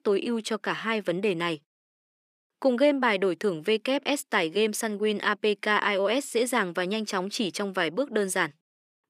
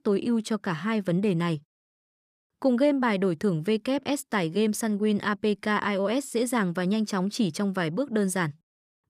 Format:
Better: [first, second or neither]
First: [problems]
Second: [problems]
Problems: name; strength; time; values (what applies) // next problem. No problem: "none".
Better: second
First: thin; very slightly; fading below 350 Hz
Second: none